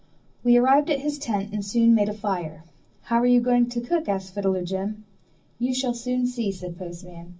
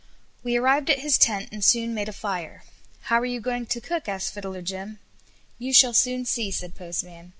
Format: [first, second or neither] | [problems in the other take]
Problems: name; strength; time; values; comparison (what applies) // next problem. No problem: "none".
second | room echo; dies away in 0.4 s